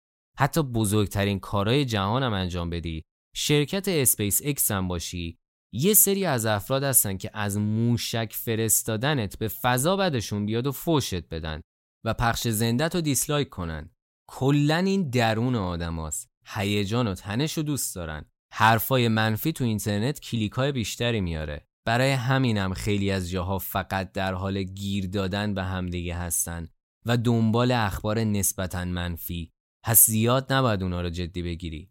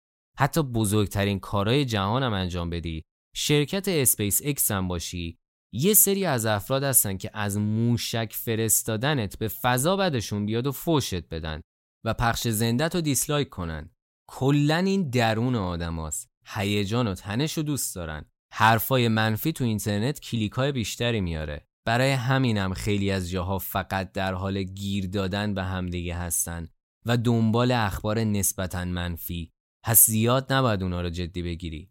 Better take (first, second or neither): neither